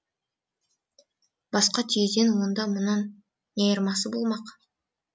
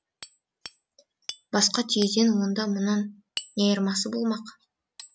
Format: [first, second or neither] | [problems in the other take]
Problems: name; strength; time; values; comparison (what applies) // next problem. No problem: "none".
first | background sound (Hammer); 18 dB below the speech